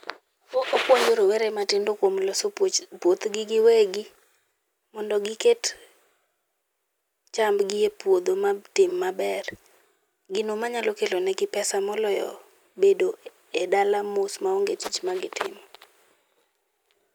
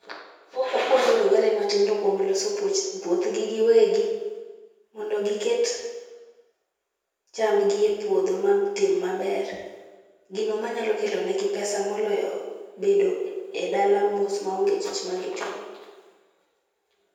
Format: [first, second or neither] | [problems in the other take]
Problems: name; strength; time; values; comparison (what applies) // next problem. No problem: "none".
first | room echo; dies away in 1.1 s